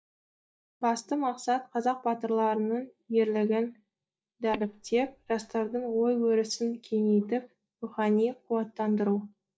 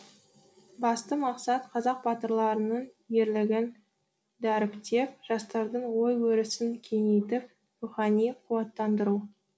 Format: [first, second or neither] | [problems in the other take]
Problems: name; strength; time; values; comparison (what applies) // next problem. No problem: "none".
second | noise reduction (neural mask model DeepFilterNet 3)